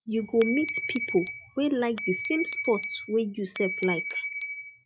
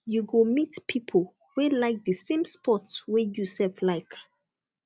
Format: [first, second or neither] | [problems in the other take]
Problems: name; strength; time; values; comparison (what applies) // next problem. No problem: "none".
second | noise reduction (classical method log-MMSE)